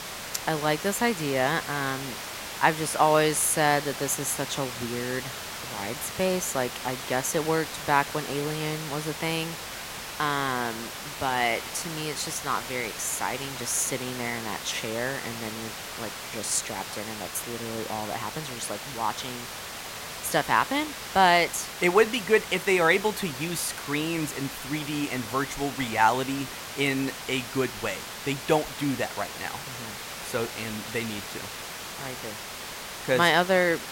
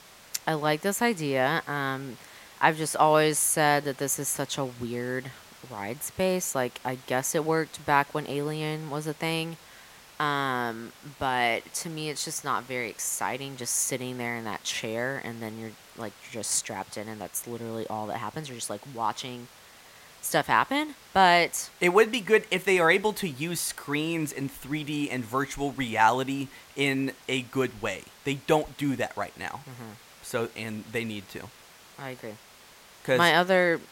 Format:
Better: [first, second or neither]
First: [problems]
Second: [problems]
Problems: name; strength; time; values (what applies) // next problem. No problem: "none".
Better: second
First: hiss; loud; throughout; 8 dB below the speech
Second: hiss; faint; throughout; 20 dB below the speech